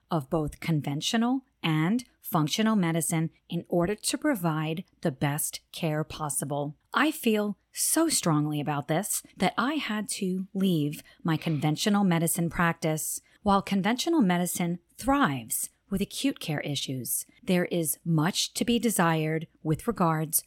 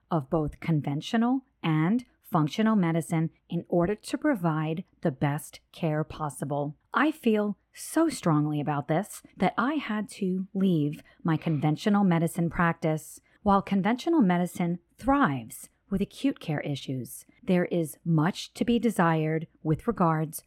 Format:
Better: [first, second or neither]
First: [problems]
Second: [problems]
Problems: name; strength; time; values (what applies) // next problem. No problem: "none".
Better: first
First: none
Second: muffled; slightly; fading above 3 kHz